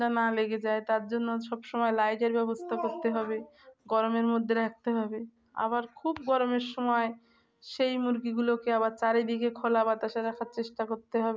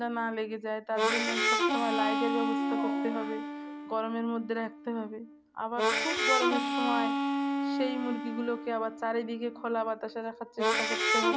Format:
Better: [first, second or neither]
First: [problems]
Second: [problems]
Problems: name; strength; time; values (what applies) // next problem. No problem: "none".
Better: first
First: none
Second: background sound (Harmonica); 3 dB above the speech